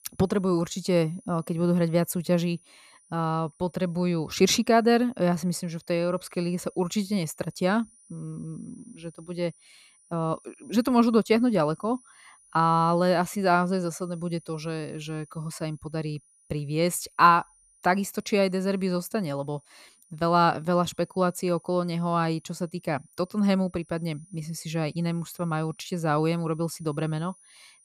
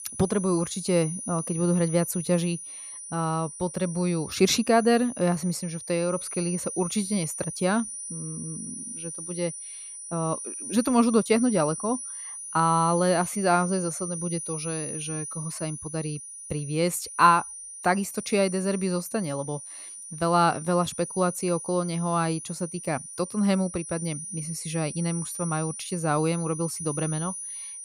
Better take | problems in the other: first | high-pitched whine; loud; throughout; 9.5 kHz, 8 dB below the speech; faint in the first

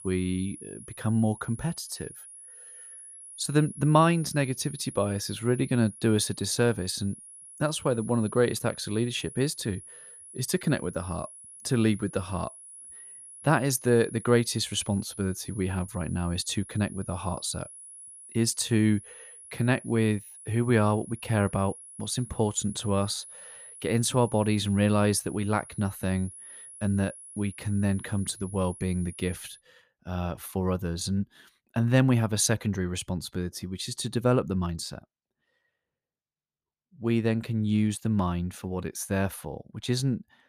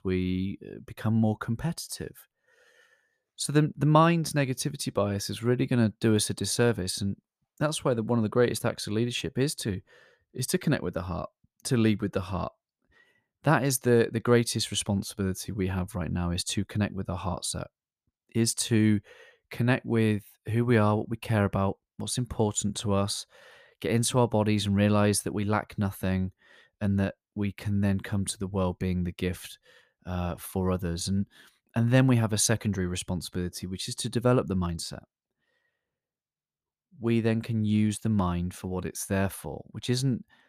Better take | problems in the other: second | high-pitched whine; noticeable; until 30 s; 10.5 kHz, 15 dB below the speech

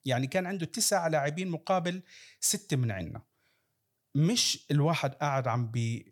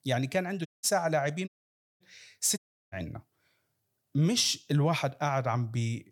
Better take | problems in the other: first | audio cutting out; at 0.5 s, at 1.5 s for 0.5 s and at 2.5 s

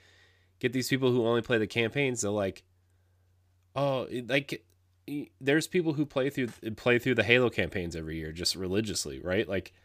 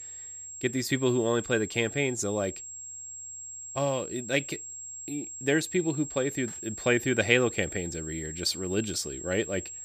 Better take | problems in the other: first | high-pitched whine; loud; throughout; 7.5 kHz, 9 dB below the speech

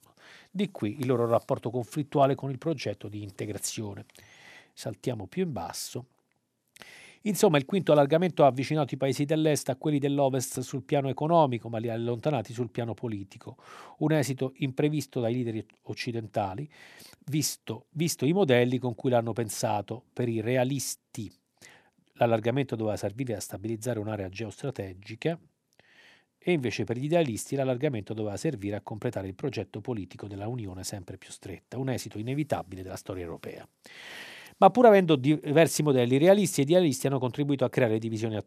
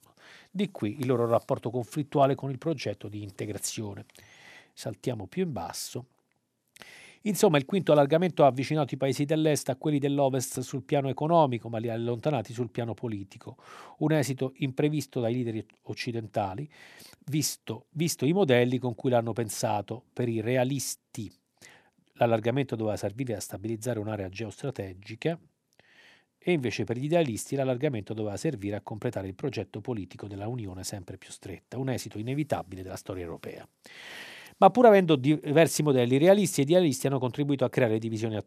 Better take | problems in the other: neither | none

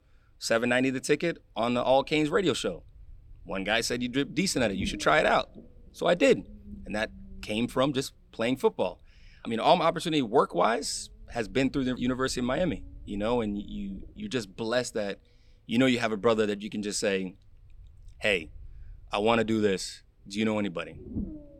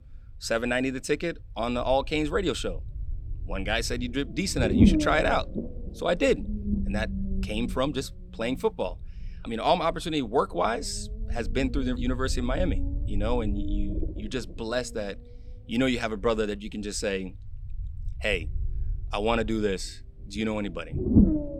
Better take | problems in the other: first | low rumble; loud; throughout; 6 dB below the speech; faint in the first

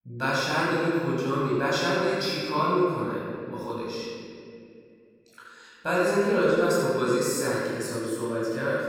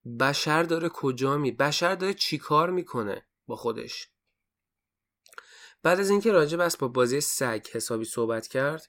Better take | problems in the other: second | room echo; strong; dies away in 2.3 s // off-mic speech; far

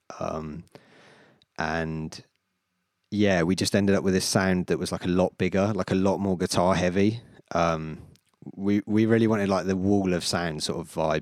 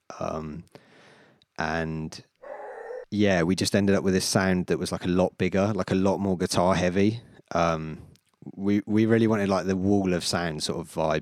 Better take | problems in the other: first | dog barking; faint; at 2.5 s; peak 15 dB below the speech

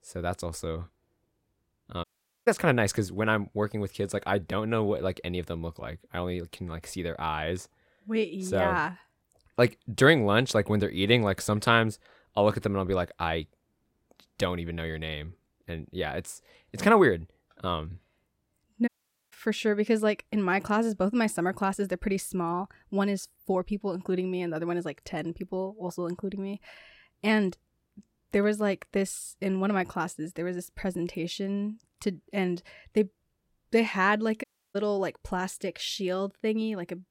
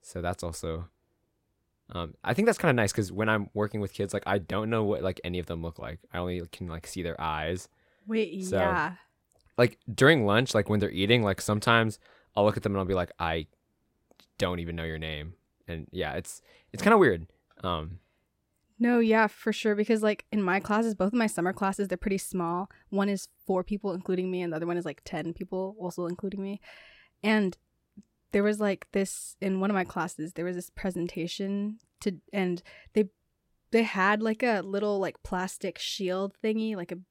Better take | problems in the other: second | audio cutting out; at 2 s, at 19 s and at 34 s

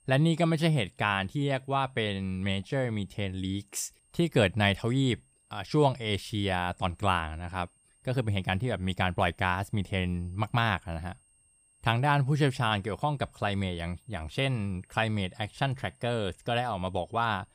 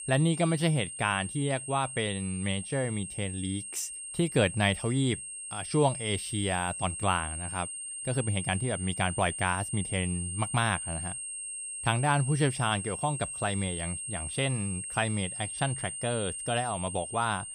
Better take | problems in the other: first | high-pitched whine; loud; throughout; 8.5 kHz, 6 dB below the speech; faint in the first

